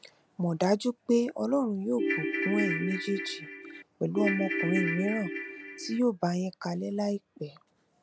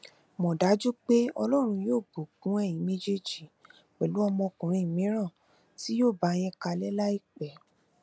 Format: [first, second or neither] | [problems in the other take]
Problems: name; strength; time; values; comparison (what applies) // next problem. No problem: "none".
second | background sound (Ringtone / Keyboard (musical)); 1 dB below the speech